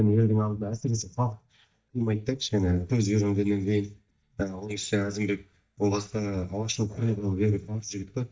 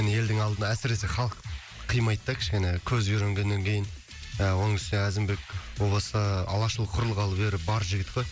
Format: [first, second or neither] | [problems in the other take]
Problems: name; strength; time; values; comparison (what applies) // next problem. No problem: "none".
second | noise reduction (neural mask model DeepFilterNet 3)